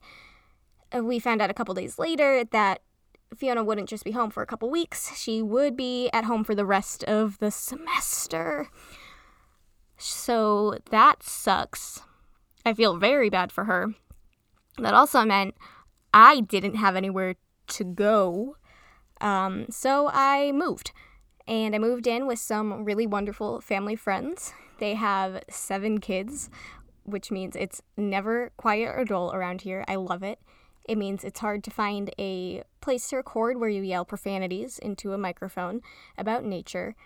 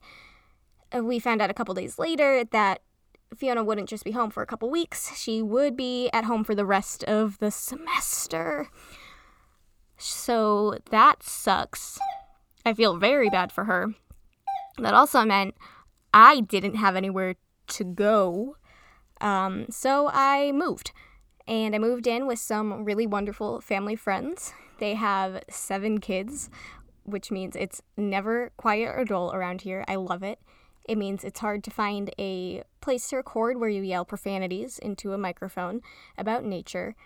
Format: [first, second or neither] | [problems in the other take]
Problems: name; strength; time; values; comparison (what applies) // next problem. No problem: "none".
first | doorbell; noticeable; from 12 to 15 s; peak 8 dB below the speech